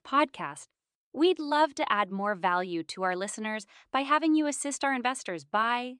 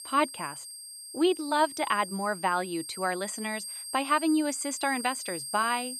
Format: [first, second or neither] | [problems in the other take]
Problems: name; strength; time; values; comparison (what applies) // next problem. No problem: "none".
first | high-pitched whine; loud; throughout; 8.5 kHz, 9 dB below the speech